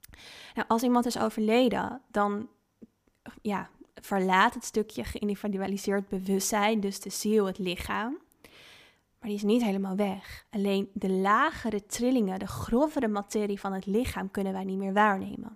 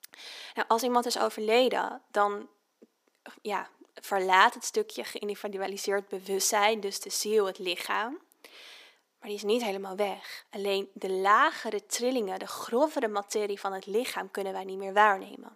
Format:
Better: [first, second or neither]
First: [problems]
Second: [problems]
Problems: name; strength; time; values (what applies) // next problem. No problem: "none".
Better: first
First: none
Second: thin; somewhat; fading below 350 Hz